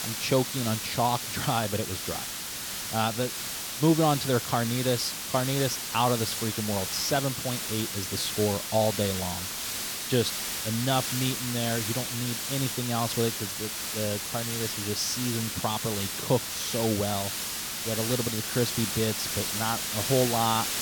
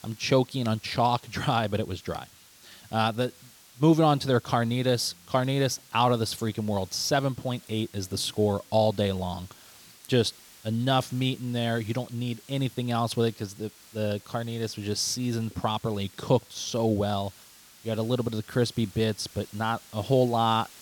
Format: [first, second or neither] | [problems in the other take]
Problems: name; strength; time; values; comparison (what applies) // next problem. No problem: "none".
second | hiss; loud; throughout; 2 dB below the speech; faint in the second